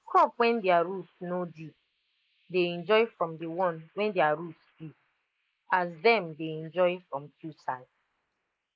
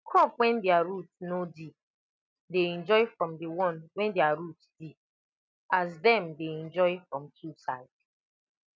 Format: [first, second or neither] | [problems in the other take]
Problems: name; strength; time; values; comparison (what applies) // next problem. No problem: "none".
second | noise reduction (neural mask model Resemble Enhance denoiser)